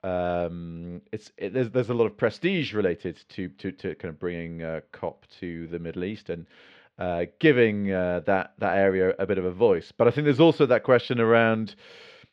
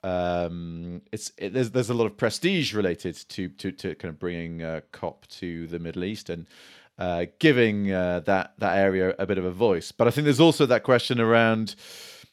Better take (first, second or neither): second